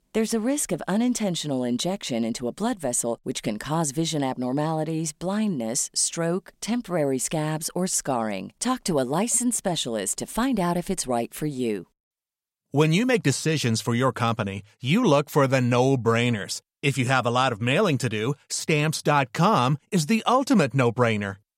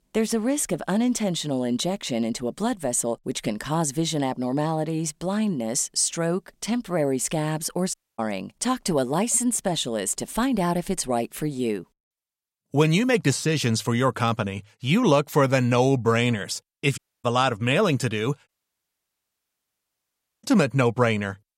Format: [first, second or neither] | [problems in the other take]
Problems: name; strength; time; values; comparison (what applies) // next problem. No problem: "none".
first | audio cutting out; at 8 s, at 17 s and at 18 s for 2 s